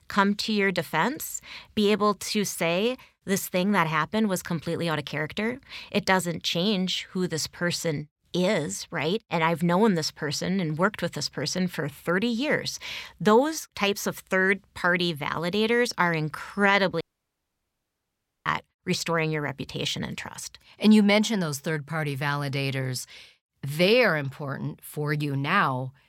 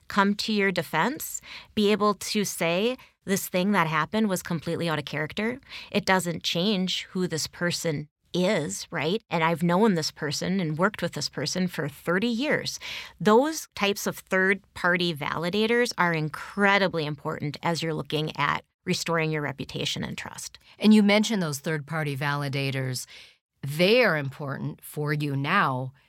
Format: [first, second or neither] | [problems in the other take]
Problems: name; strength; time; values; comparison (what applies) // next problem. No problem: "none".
second | audio cutting out; at 17 s for 1.5 s